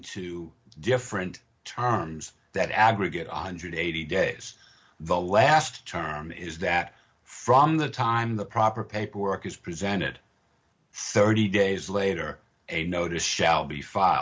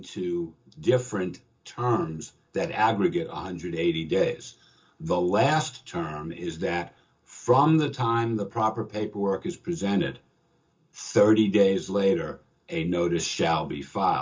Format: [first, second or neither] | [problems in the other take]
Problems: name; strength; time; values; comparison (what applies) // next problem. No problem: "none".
first | room echo; dies away in 0.2 s